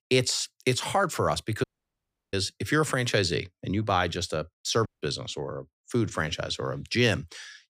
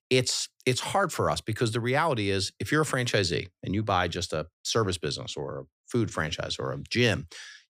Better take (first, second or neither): second